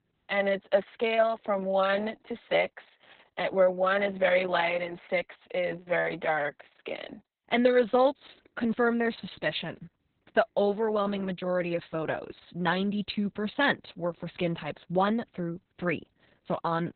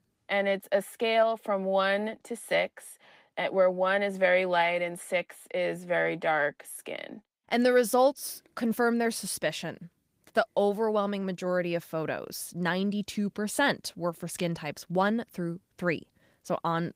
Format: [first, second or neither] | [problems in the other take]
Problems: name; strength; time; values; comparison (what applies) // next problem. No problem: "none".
second | garbled, watery; badly; nothing above 4 kHz; slightly in the second